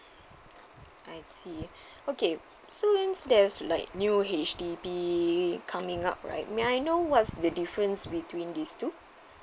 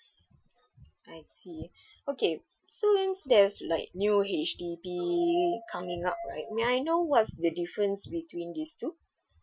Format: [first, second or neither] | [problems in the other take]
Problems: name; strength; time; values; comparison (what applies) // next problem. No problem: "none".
first | noise reduction (classical method Wiener filter)